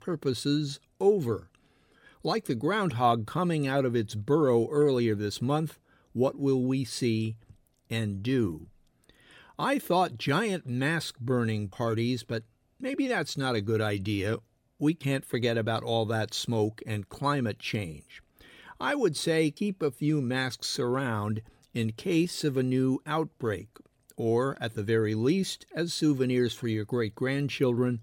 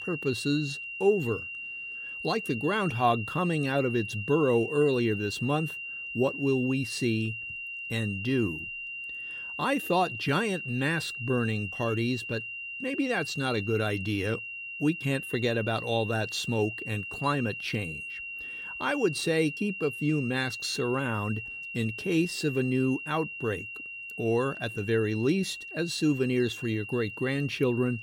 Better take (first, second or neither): first